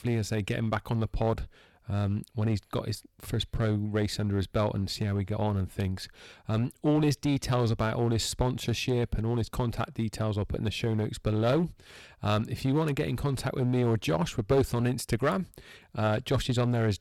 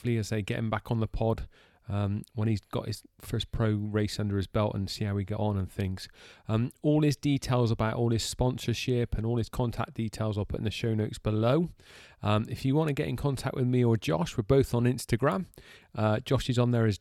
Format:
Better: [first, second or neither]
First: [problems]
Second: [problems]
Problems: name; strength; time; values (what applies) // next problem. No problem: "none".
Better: second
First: distortion; slight; 6% of the sound clipped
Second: none